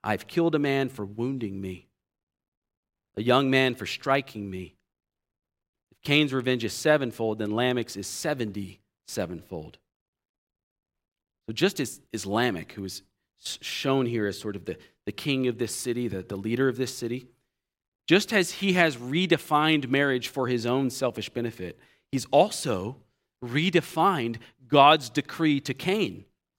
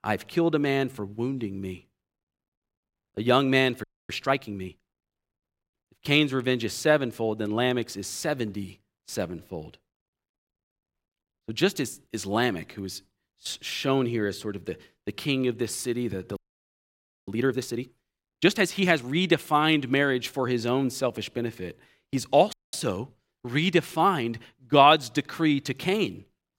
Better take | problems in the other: first | audio freezing; at 4 s, at 16 s for 1 s and at 23 s

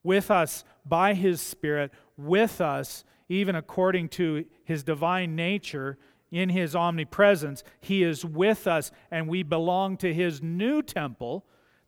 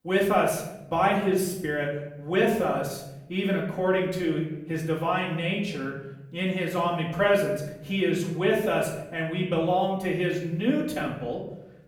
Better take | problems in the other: first | off-mic speech; far // room echo; noticeable; dies away in 0.8 s

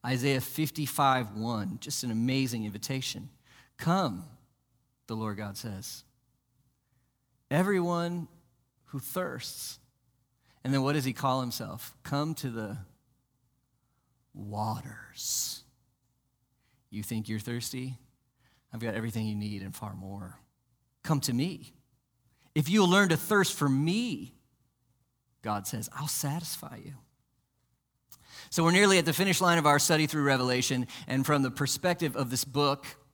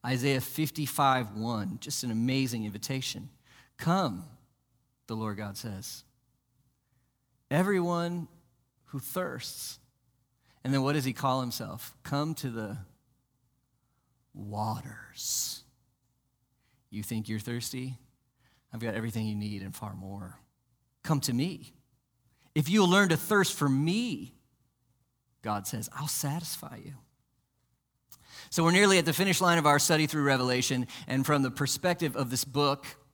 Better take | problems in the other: neither | none

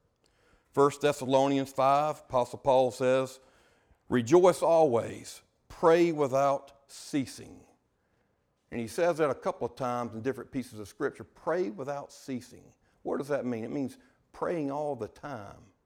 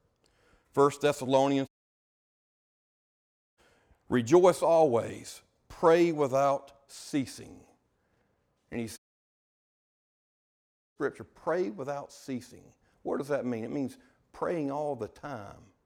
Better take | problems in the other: first | audio cutting out; at 1.5 s for 2 s and at 9 s for 2 s

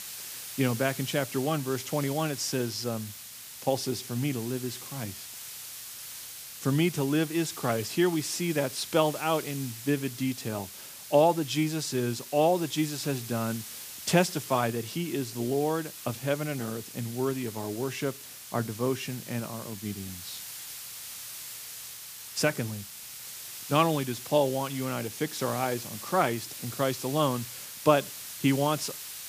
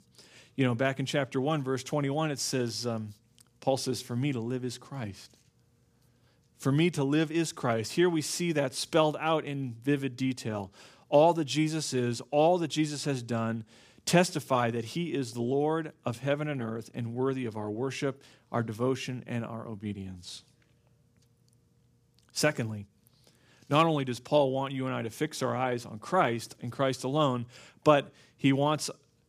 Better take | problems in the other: second | hiss; loud; throughout; 10 dB below the speech

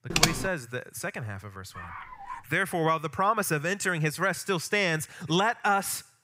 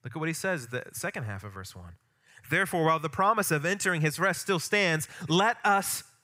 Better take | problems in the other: second | keyboard typing; loud; at the start; peak 4 dB above the speech // dog barking; faint; at 1.5 s; peak 15 dB below the speech

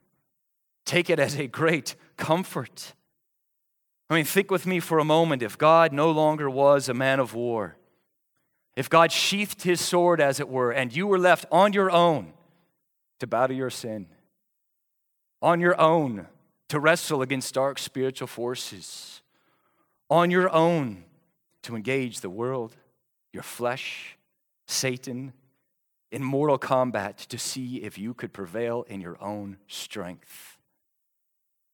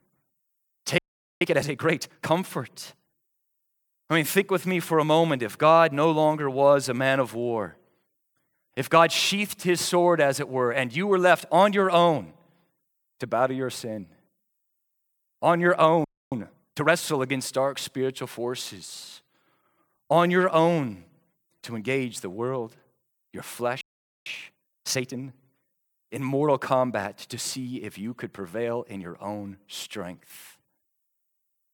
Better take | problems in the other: first | audio freezing; at 1 s, at 16 s and at 24 s

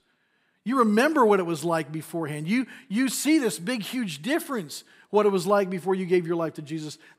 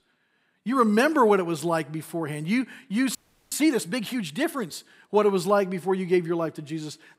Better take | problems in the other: first | audio freezing; at 3 s

